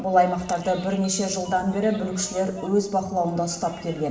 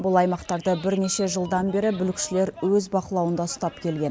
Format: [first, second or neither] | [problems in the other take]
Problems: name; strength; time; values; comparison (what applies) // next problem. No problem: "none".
second | room echo; dies away in 2 s